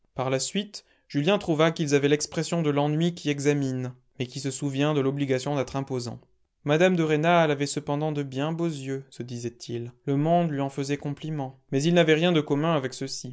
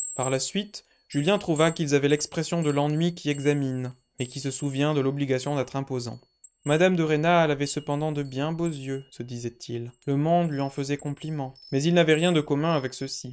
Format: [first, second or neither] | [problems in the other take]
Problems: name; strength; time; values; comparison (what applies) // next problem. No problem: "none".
first | noise reduction (neural mask model RNNoise)